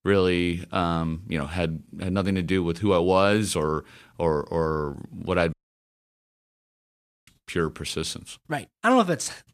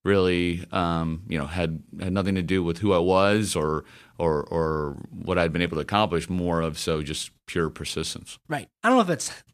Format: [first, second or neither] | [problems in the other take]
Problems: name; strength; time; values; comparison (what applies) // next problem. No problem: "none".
second | audio cutting out; at 5.5 s for 1.5 s